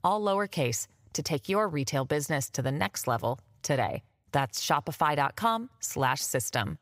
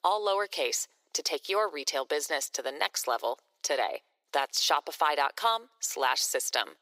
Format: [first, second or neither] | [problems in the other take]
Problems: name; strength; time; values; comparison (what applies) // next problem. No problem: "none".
first | thin; very; fading below 350 Hz